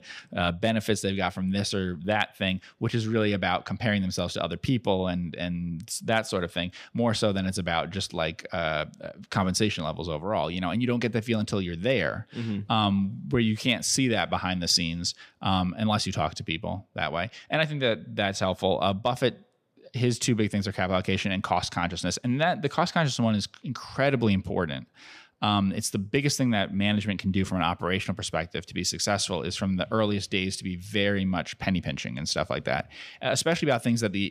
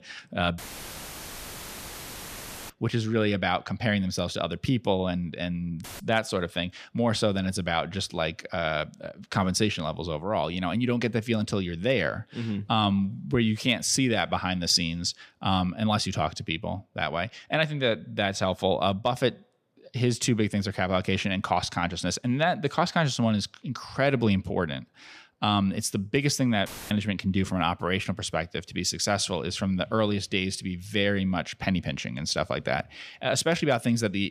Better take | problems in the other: first | audio cutting out; filled with static; at 0.5 s for 2 s, at 6 s and at 27 s

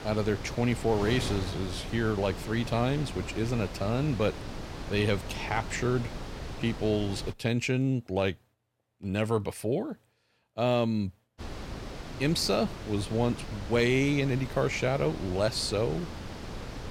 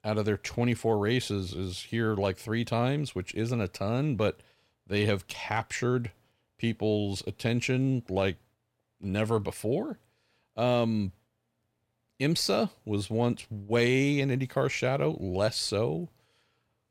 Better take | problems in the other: second | wind noise on the microphone; occasional gusts; until 7.5 s and from 11 s on; 10 dB below the speech

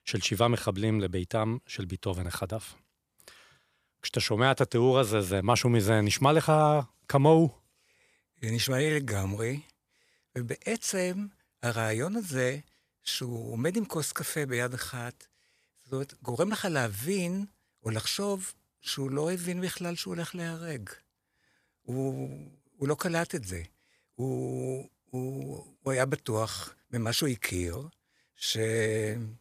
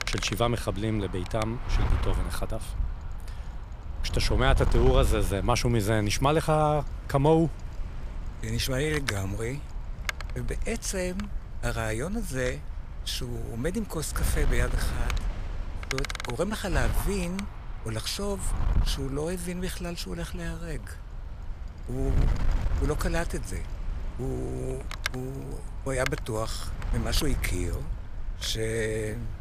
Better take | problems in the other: first | wind noise on the microphone; heavy; 10 dB below the speech

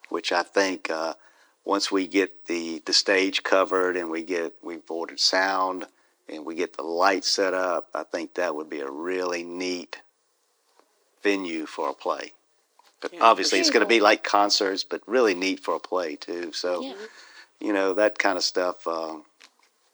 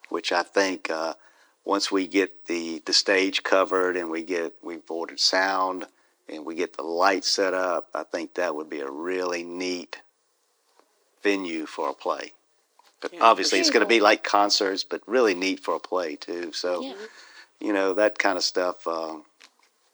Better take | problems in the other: neither | thin; somewhat; fading below 300 Hz; the same in both

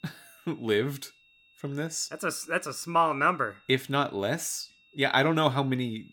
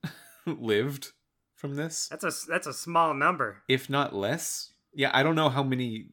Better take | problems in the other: second | high-pitched whine; faint; throughout; 2.5 kHz, 30 dB below the speech

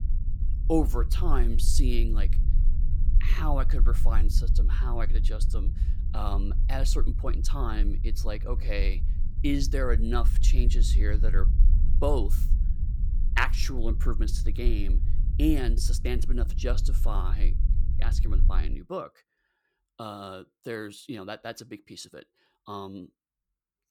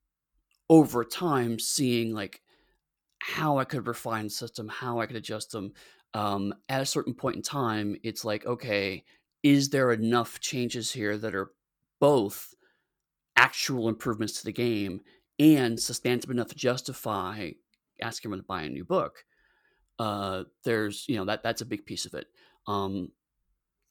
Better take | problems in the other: second | low rumble; noticeable; until 19 s; 15 dB below the speech

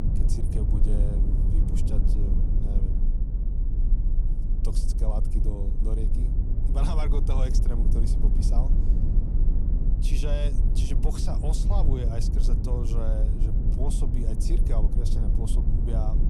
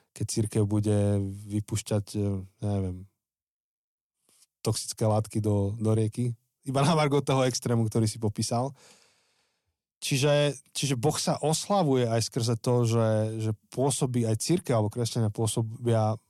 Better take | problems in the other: second | low rumble; loud; throughout; 3 dB below the speech

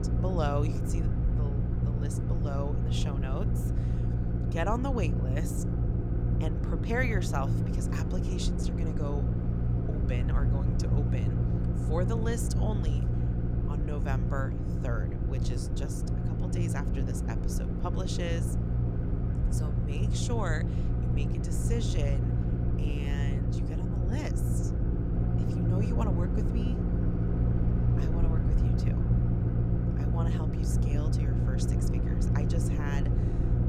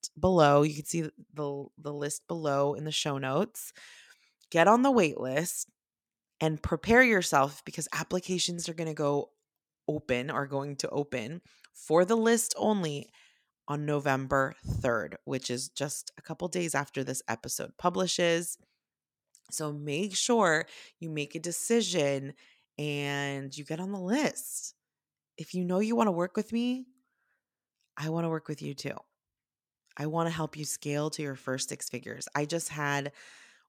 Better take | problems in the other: second | low rumble; loud; throughout; 1 dB below the speech

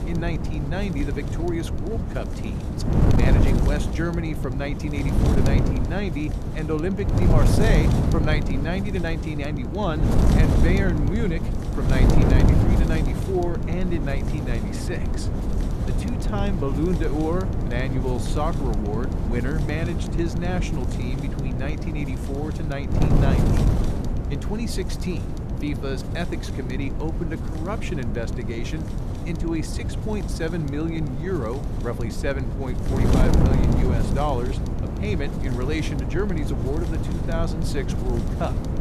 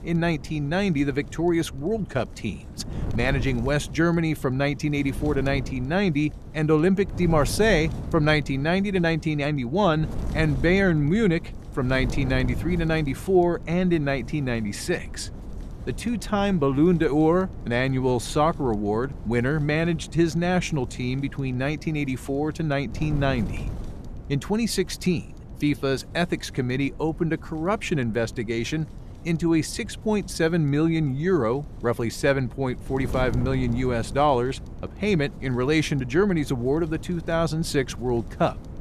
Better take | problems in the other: second | wind noise on the microphone; heavy; 2 dB below the speech; occasional gusts in the second

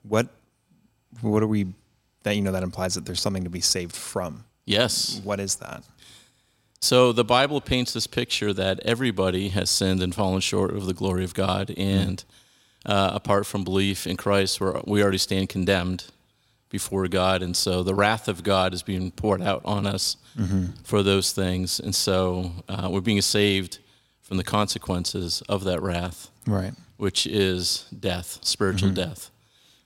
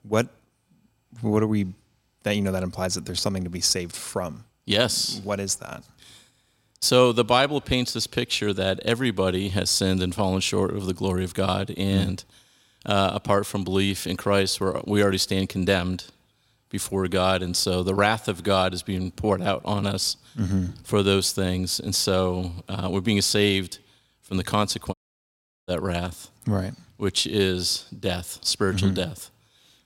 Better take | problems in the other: first | audio cutting out; at 25 s for 0.5 s

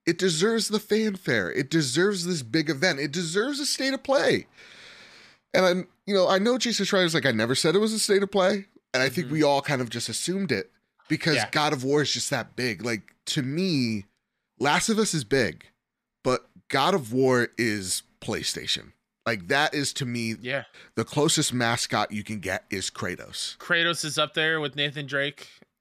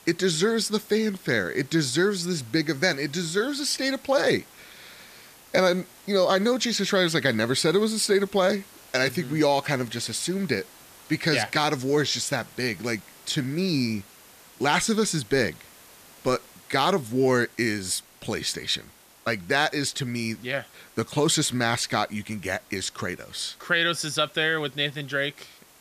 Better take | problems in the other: first | hiss; faint; throughout; 25 dB below the speech

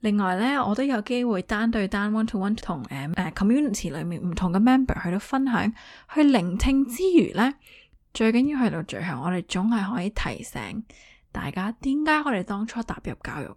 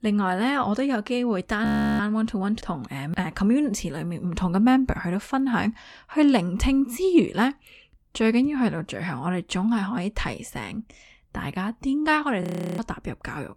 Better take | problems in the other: first | audio freezing; at 1.5 s and at 12 s

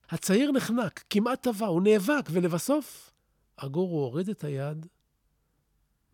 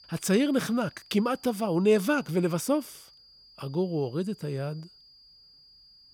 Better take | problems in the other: first | high-pitched whine; faint; throughout; 5 kHz, 25 dB below the speech

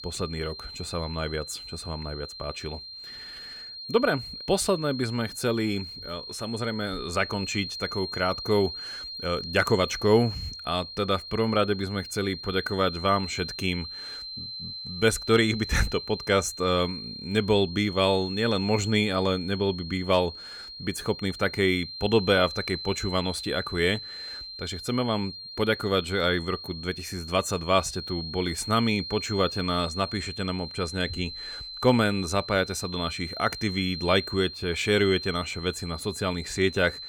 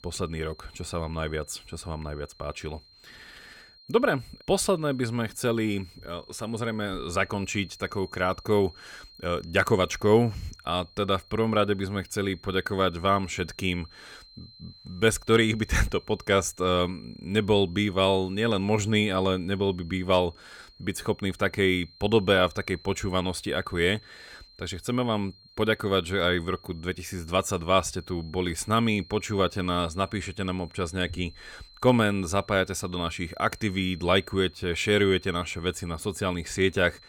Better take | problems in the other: second | high-pitched whine; loud; throughout; 4 kHz, 9 dB below the speech; faint in the second

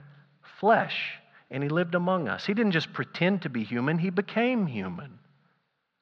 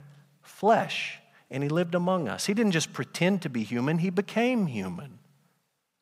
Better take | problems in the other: second | muffled; slightly; fading above 4.5 kHz

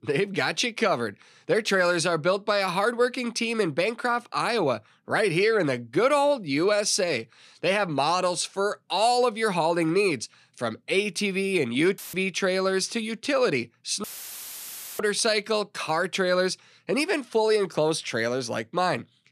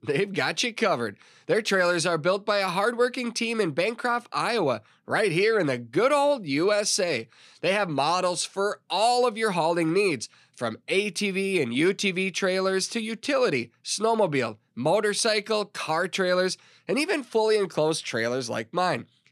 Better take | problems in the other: second | audio cutting out; filled with static; at 12 s and at 14 s for 1 s

